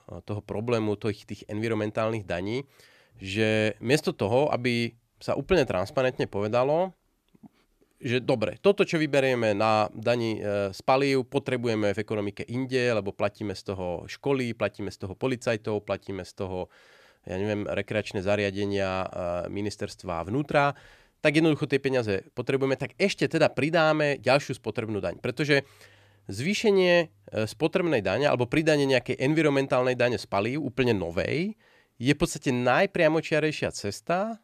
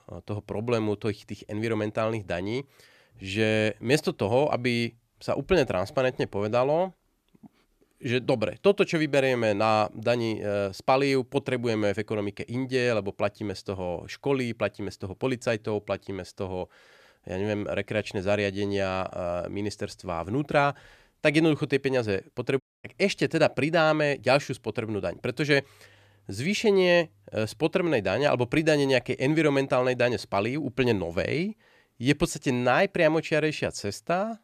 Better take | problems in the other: first | audio cutting out; at 23 s

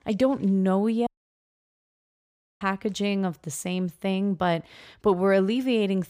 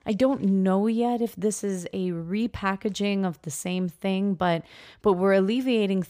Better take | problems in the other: second | audio cutting out; at 1 s for 1.5 s

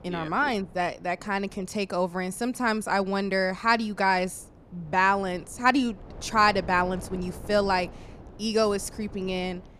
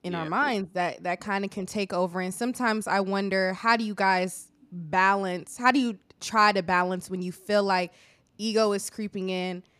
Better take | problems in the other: second | wind noise on the microphone; occasional gusts; 25 dB below the speech

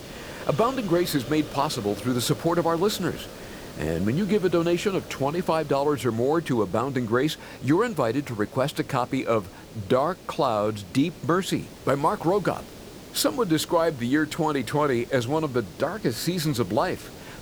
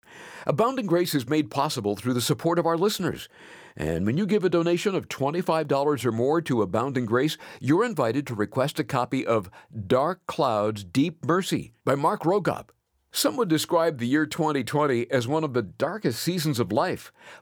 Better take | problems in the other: second | hiss; noticeable; throughout; 15 dB below the speech

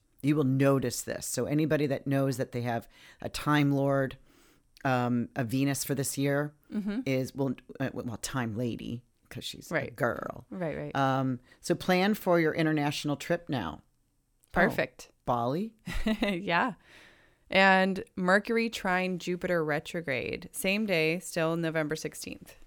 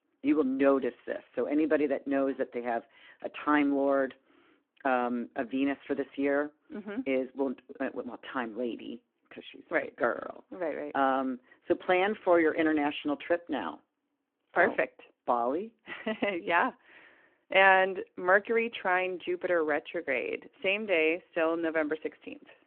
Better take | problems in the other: first | phone-call audio

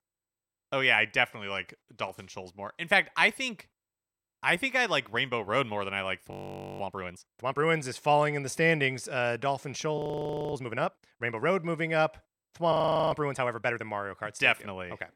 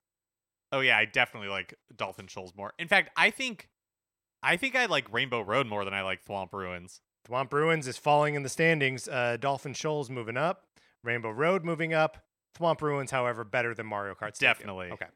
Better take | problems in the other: second | audio freezing; at 6.5 s, at 10 s for 0.5 s and at 13 s

